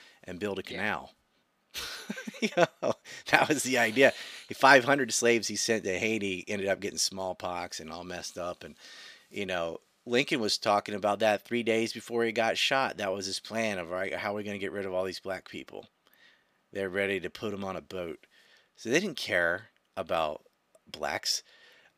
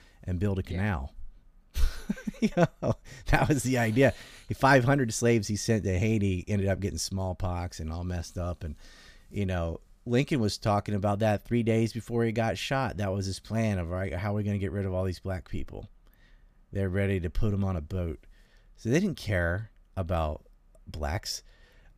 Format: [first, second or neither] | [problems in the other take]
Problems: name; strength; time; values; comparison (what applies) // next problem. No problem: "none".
second | thin; somewhat; fading below 350 Hz